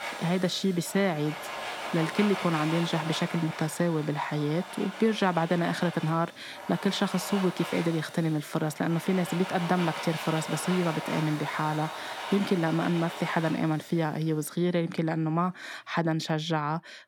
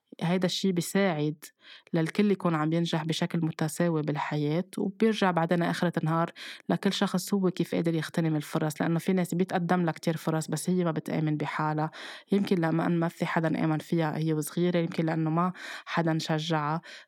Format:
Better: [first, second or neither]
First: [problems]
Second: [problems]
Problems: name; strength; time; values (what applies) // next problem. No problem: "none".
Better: second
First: household noises; loud; throughout; 9 dB below the speech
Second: none